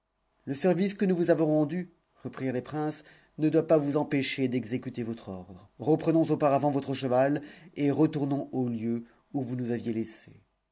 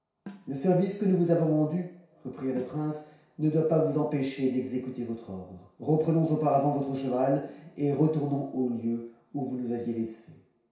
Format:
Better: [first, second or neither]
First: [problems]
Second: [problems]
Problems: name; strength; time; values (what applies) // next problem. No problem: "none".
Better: first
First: none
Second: background sound (Snare drum); 18 dB below the speech // room echo; dies away in 0.6 s